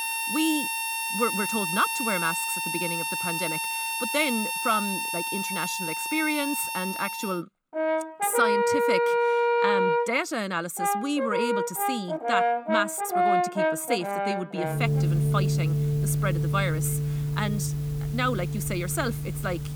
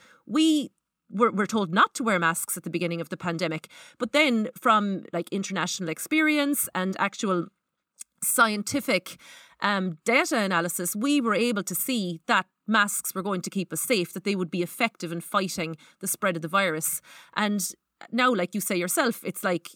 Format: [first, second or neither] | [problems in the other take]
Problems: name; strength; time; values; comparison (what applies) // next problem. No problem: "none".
second | background music; very loud; throughout; 3 dB above the speech